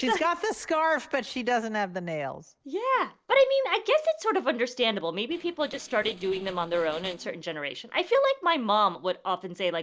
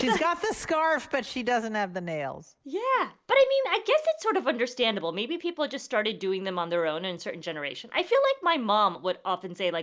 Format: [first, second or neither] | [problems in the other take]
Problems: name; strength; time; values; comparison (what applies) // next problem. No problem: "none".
second | noise reduction (neural separator model SepFormer DNS4)